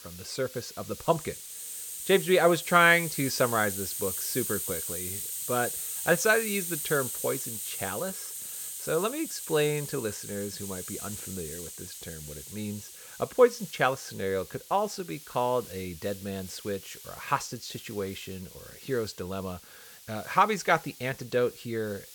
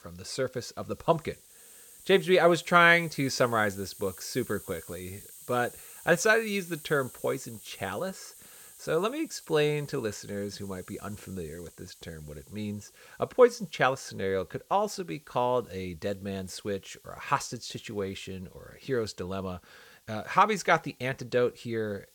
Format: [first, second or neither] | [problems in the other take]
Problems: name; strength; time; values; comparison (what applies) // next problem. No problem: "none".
second | hiss; loud; throughout; 7 dB below the speech; faint in the second